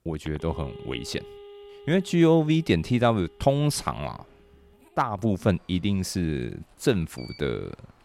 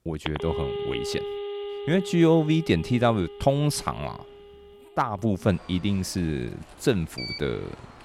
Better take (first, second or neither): first